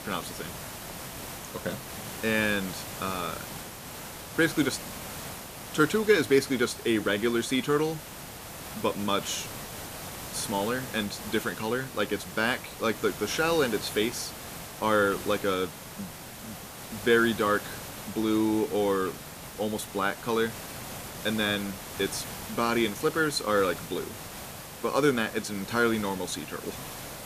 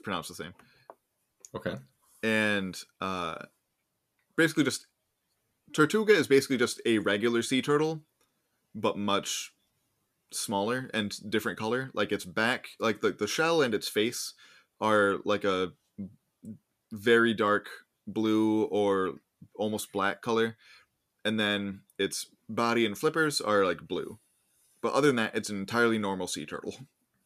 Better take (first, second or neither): second